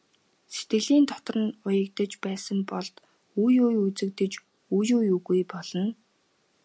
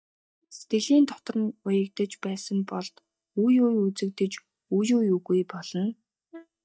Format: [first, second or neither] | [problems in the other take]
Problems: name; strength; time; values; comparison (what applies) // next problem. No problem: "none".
first | noise reduction (neural mask model DeepFilterNet 3)